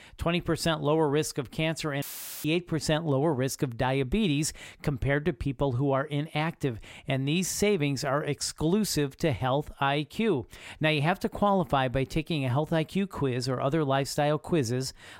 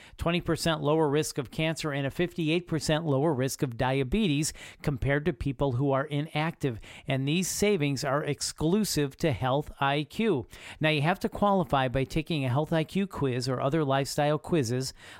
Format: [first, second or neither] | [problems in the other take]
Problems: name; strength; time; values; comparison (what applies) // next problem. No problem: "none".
second | audio cutting out; filled with static; at 2 s